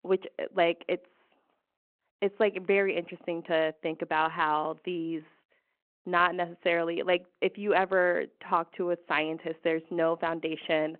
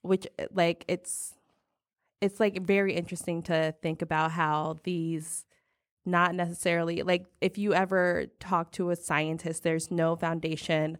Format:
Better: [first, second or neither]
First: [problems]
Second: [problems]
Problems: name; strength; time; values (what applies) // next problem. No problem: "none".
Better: second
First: phone-call audio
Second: none